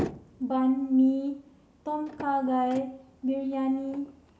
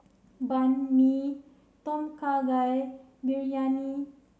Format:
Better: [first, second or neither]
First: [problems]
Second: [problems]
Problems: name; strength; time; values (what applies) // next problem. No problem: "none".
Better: second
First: background sound (Motor vehicle (road)); 14 dB below the speech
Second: none